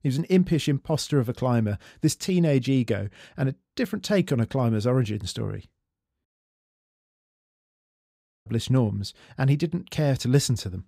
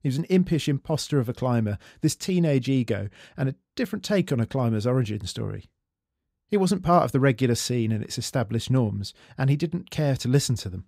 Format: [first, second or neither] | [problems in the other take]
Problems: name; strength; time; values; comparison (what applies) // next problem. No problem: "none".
second | audio cutting out; at 6.5 s for 2 s